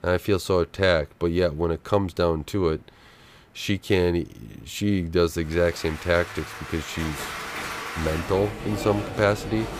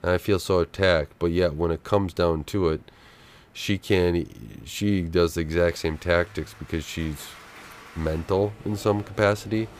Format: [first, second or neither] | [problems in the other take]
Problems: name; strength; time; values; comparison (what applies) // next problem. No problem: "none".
second | crowd noise; loud; from 5.5 s on; 9 dB below the speech; faint in the second